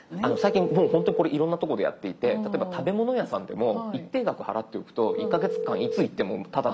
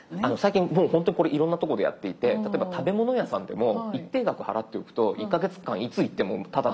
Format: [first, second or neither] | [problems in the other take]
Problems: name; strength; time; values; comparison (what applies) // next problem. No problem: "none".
second | background sound (Telephone); 2 dB below the speech